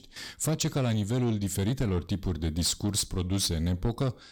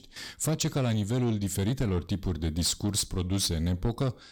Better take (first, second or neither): neither